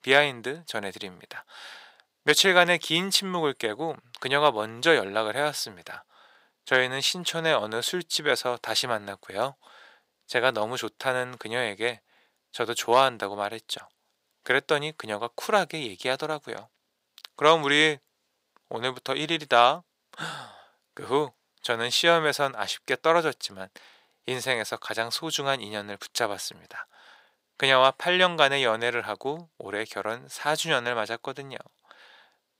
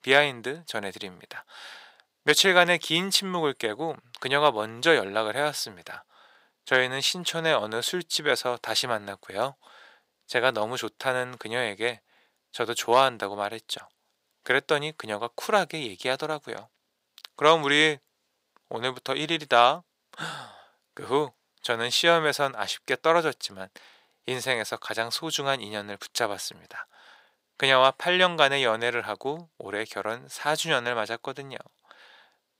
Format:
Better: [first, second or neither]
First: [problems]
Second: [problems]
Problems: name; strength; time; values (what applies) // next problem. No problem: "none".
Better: neither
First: thin; very; fading below 500 Hz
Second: thin; very; fading below 500 Hz